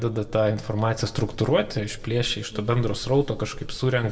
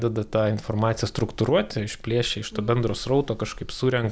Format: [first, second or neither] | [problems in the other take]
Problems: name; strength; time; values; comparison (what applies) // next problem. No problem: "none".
second | room echo; dies away in 1.2 s